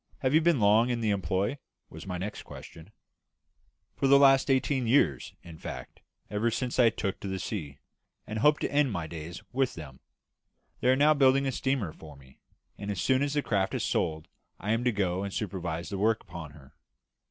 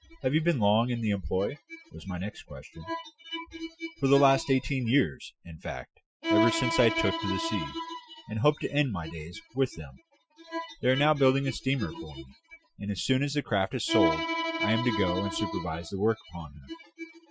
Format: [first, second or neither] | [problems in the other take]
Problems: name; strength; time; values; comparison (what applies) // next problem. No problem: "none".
first | noise reduction (classical method Wiener filter)